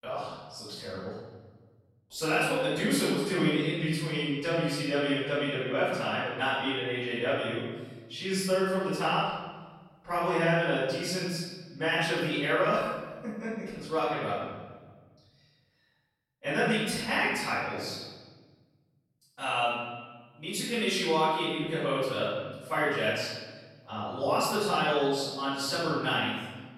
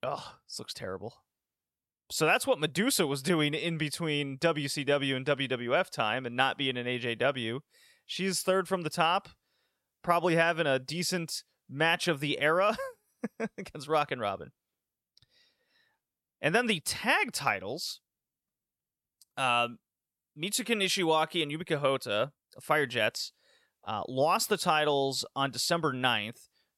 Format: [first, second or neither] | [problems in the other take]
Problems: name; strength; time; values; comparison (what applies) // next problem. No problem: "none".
second | off-mic speech; far // room echo; strong; dies away in 1.3 s